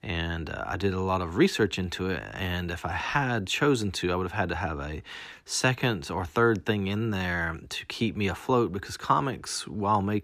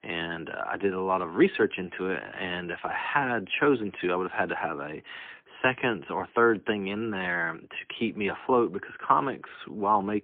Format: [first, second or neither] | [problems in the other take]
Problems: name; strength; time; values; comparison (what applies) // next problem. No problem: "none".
first | phone-call audio; poor line